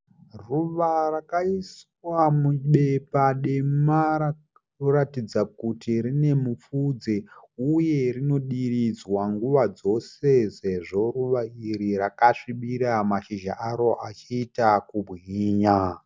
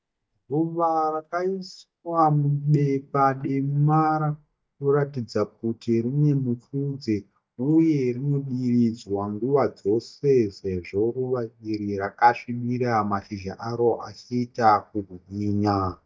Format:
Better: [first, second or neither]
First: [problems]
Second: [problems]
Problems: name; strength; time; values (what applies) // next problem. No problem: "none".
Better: first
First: none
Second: noise reduction (neural mask model DeepFilterNet 3)